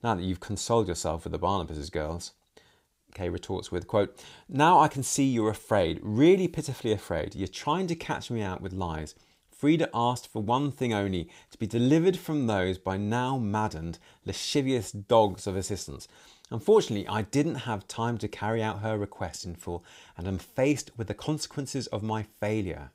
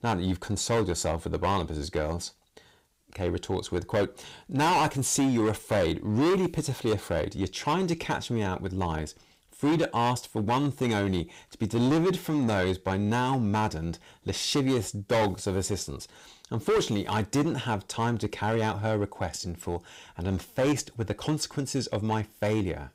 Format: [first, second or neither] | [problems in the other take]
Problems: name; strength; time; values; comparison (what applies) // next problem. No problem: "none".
first | distortion; heavy; 9% of the sound clipped